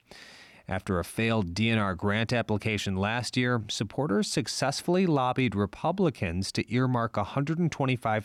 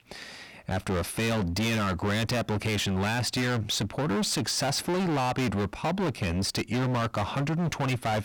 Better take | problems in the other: first | distortion; heavy; 33% of the sound clipped

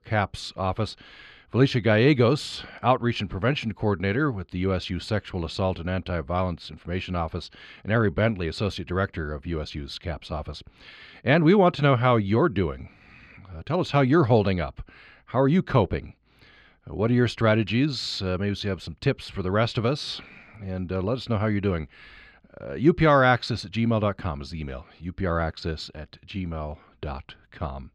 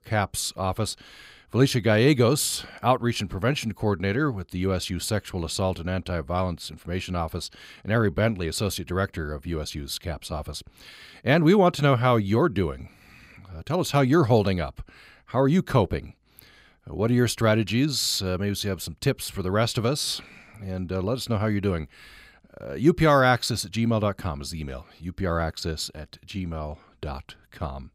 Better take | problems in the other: second | muffled; very slightly; fading above 3 kHz

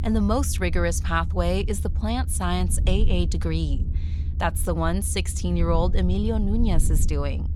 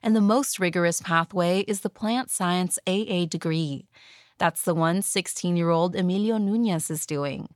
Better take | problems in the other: second | low rumble; noticeable; throughout; 15 dB below the speech

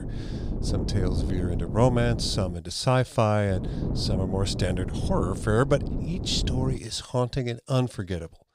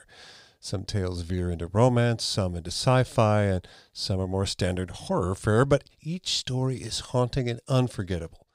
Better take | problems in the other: second | wind noise on the microphone; occasional gusts; until 2.5 s and from 3.5 to 7 s; 10 dB below the speech

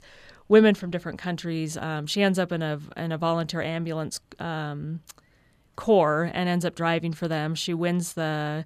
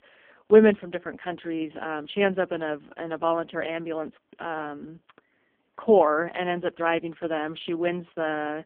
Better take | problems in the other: first | phone-call audio; poor line

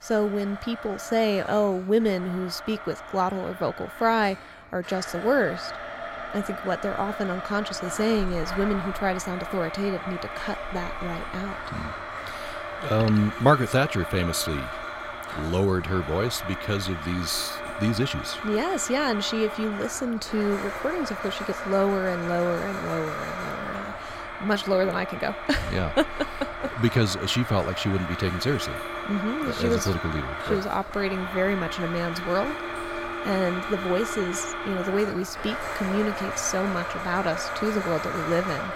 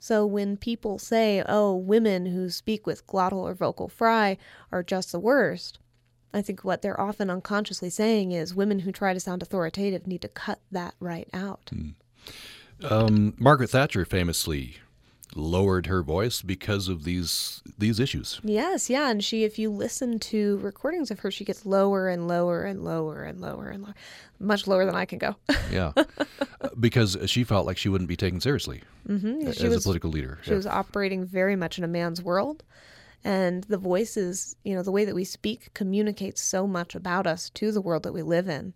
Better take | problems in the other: second | household noises; loud; throughout; 6 dB below the speech

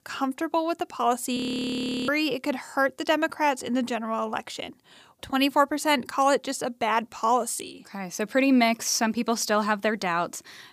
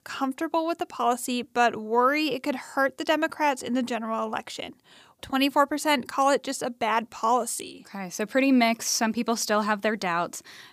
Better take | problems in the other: second | audio freezing; at 1.5 s for 0.5 s

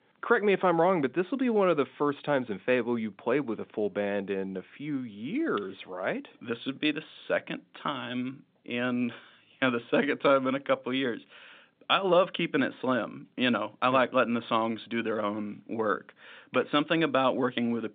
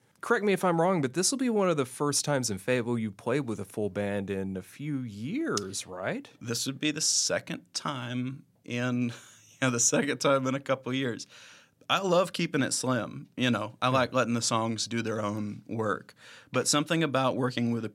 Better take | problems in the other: second | phone-call audio; nothing above 3.5 kHz

